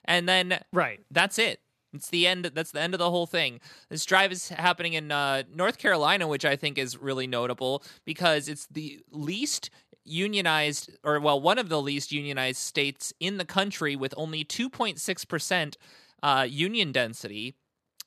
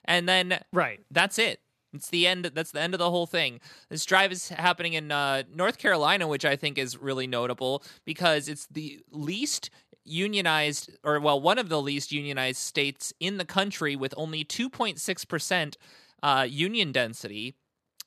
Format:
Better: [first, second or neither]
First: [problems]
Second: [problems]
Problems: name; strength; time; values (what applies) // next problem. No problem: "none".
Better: neither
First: none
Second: none